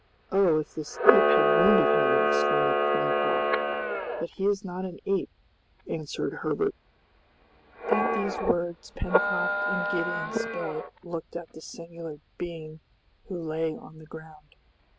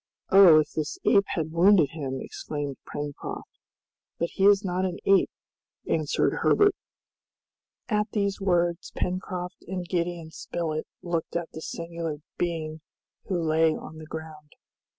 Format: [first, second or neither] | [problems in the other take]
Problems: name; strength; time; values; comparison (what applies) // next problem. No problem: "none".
second | background sound (Camera); 3 dB above the speech